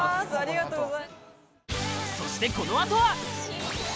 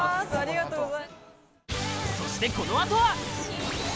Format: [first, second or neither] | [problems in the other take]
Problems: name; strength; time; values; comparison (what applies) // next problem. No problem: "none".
first | background sound (Fire); 11 dB below the speech